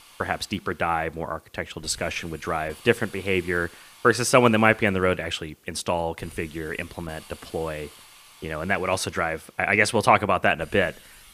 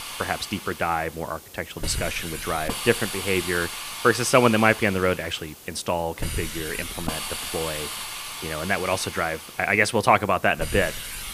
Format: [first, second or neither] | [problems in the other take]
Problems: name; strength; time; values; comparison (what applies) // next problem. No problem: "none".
first | hiss; loud; throughout; 8 dB below the speech; faint in the first